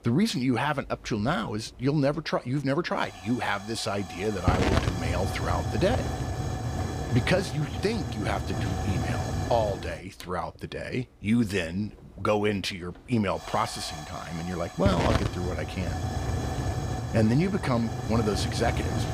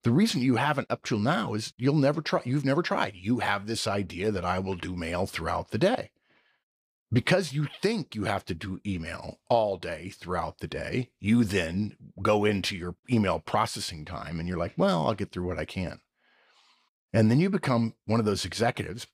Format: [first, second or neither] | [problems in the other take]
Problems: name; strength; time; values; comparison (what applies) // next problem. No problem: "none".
second | hiss; loud; throughout; 2 dB below the speech